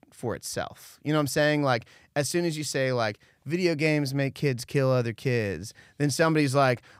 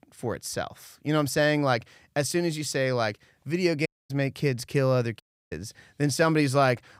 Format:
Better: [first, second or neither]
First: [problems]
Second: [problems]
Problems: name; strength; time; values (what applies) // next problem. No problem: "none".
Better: first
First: none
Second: audio cutting out; at 4 s and at 5 s